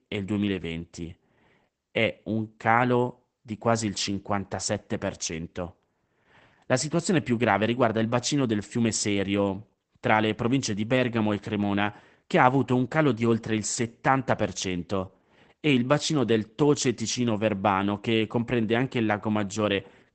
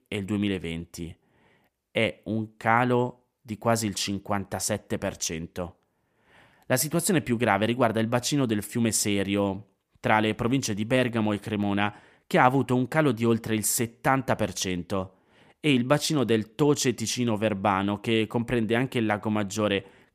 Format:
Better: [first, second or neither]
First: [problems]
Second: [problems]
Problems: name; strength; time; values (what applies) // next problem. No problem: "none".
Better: second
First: garbled, watery; badly; nothing above 8 kHz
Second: none